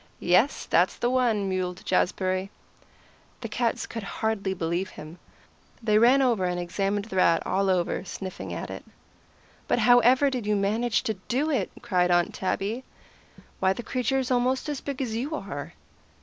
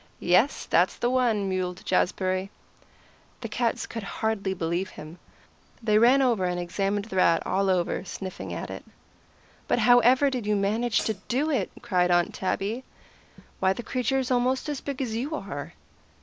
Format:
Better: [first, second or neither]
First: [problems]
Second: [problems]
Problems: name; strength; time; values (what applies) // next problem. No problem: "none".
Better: first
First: none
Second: background sound (Hi-hat); 13 dB below the speech